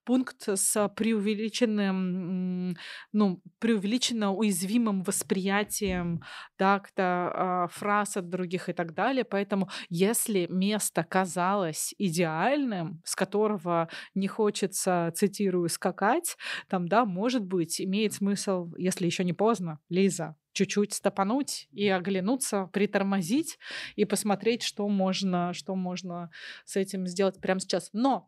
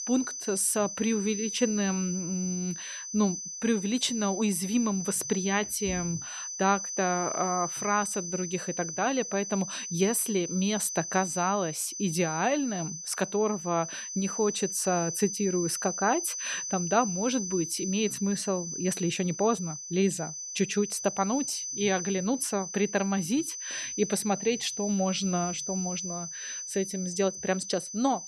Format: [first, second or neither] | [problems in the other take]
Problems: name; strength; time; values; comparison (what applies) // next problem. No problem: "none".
first | high-pitched whine; loud; throughout; 6 kHz, 5 dB below the speech